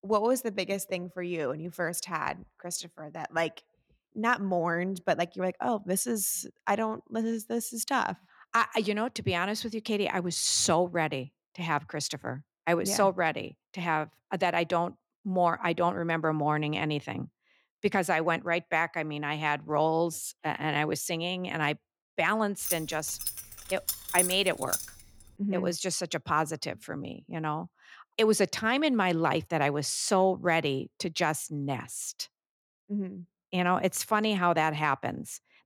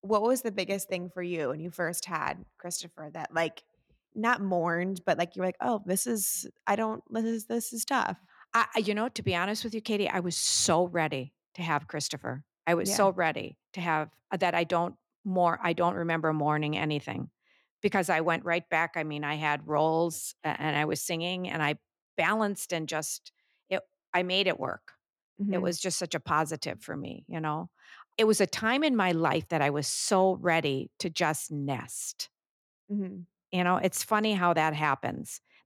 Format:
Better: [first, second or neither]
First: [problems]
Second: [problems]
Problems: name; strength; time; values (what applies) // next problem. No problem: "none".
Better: second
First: jangling keys; loud; from 23 to 25 s; peak 3 dB above the speech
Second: none